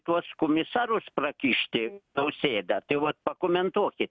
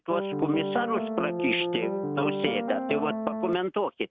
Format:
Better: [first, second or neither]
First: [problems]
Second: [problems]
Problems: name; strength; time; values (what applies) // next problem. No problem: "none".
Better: first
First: none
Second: background sound (Piano); 1 dB below the speech